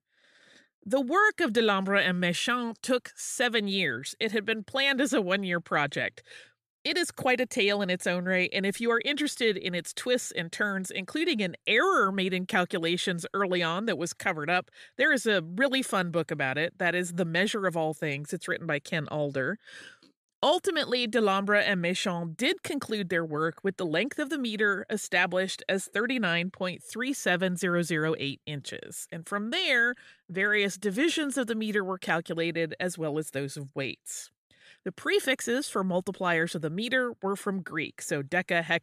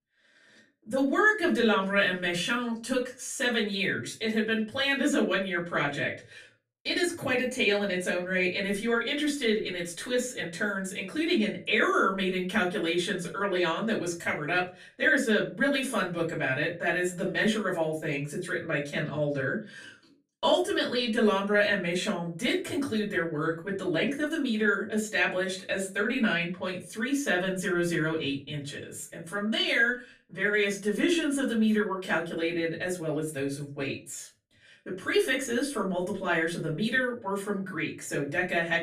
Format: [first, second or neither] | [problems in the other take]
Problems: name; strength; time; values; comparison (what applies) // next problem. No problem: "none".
first | off-mic speech; far // room echo; very slight; dies away in 0.3 s